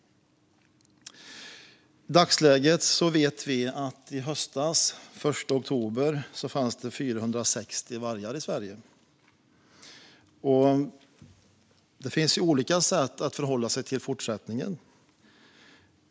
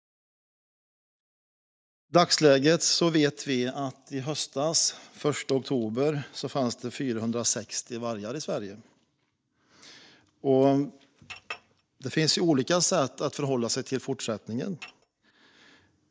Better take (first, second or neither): first